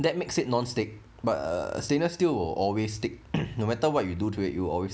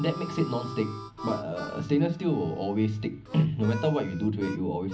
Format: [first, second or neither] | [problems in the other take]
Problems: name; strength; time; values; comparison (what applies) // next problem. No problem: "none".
first | background sound (Harmonica); 14 dB below the speech // room echo; dies away in 0.4 s